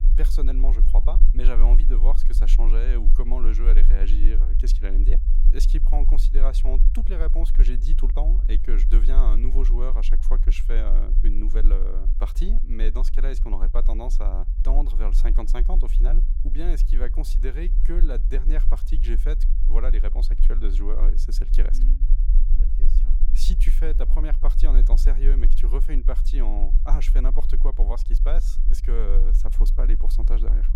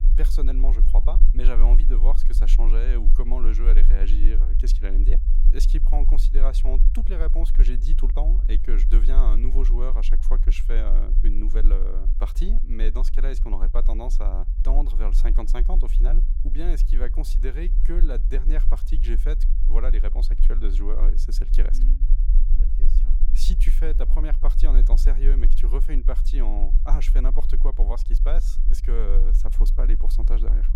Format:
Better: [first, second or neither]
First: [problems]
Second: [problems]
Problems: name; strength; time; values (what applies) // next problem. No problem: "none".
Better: neither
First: low rumble; noticeable; throughout; 10 dB below the speech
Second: low rumble; noticeable; throughout; 10 dB below the speech